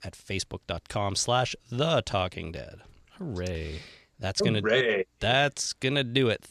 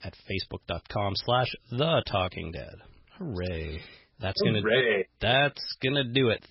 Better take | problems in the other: first | garbled, watery; badly; nothing above 5.5 kHz

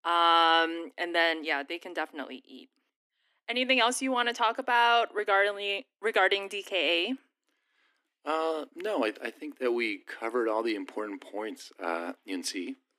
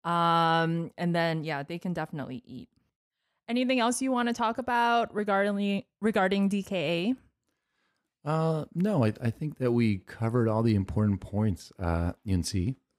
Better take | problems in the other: second | thin; somewhat; fading below 250 Hz

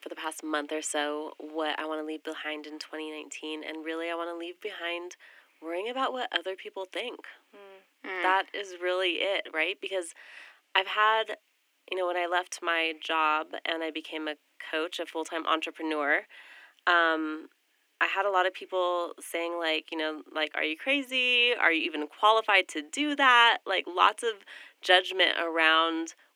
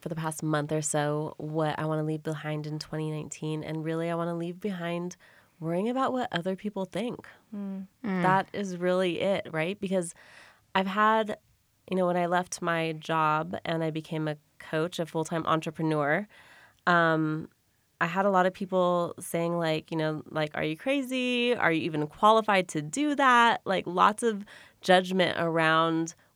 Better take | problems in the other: second | thin; somewhat; fading below 300 Hz

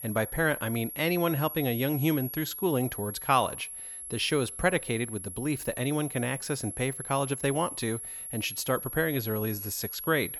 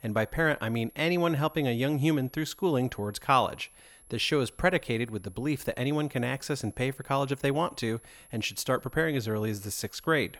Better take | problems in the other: second | high-pitched whine; loud; throughout; 11.5 kHz, 7 dB below the speech; faint in the second

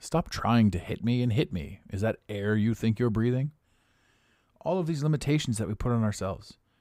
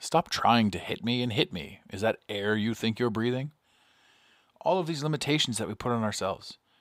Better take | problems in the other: first | thin; somewhat; fading below 350 Hz

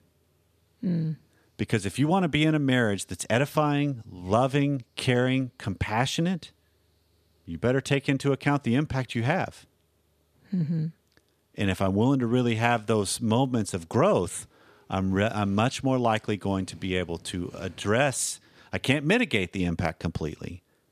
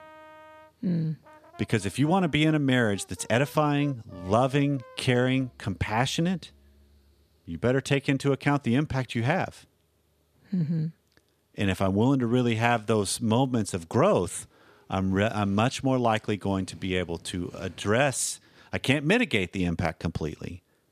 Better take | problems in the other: first | background music; faint; until 7 s; 25 dB below the speech

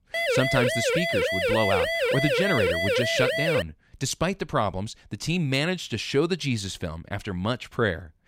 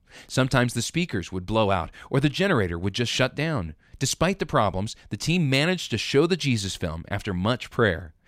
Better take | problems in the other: second | siren; loud; until 3.5 s; peak 4 dB above the speech

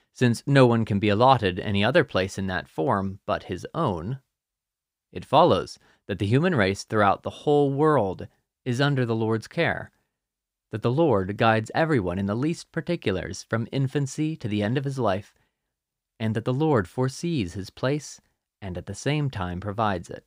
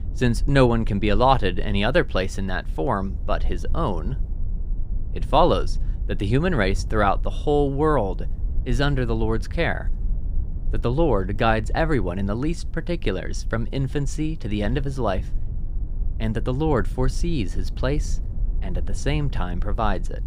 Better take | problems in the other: first | low rumble; faint; throughout; 25 dB below the speech

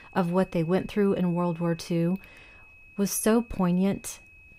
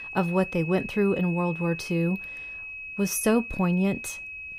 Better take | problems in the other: first | high-pitched whine; loud; throughout; 2.5 kHz, 9 dB below the speech; faint in the first

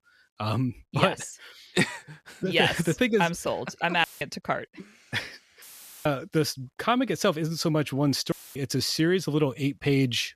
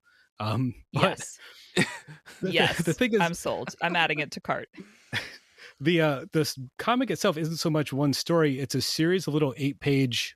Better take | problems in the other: second | audio cutting out; filled with static; at 4 s, at 5.5 s and at 8.5 s

